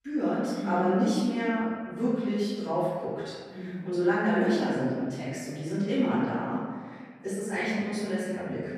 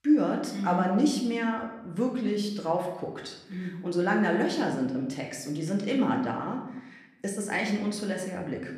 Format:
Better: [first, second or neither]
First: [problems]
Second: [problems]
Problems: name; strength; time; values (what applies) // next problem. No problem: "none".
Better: second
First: room echo; strong; dies away in 1.6 s // off-mic speech; far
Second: room echo; slight; dies away in 0.7 s // off-mic speech; somewhat distant